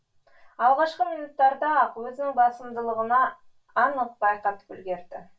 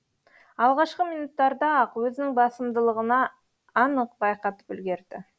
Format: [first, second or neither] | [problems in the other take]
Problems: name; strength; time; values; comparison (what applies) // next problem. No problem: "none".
second | room echo; dies away in 0.2 s